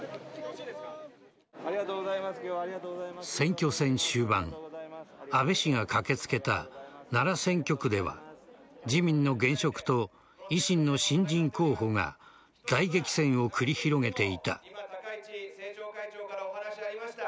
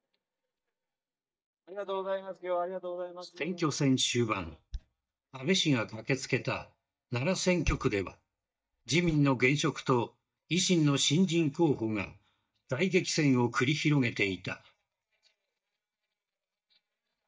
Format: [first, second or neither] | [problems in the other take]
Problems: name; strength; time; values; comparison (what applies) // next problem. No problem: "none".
first | noise reduction (neural mask model DeepFilterNet 3)